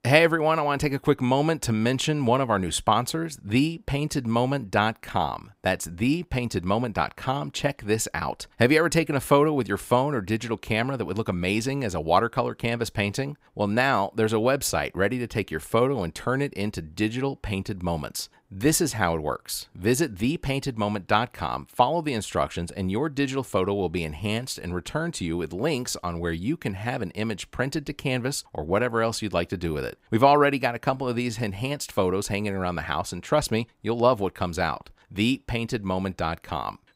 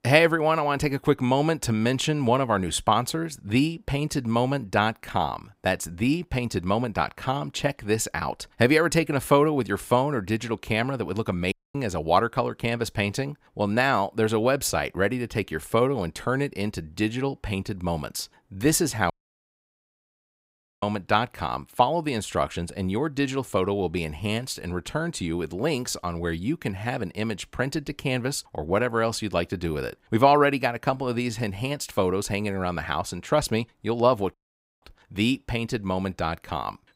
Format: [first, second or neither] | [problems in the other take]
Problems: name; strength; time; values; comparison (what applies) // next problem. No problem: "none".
first | audio cutting out; at 12 s, at 19 s for 1.5 s and at 34 s